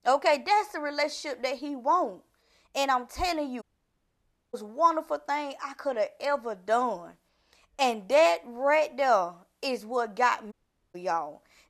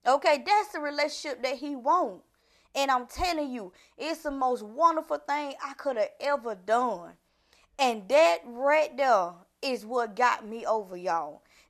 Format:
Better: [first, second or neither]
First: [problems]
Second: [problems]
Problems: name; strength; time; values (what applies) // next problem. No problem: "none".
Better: second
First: audio cutting out; at 3.5 s for 1 s and at 11 s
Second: none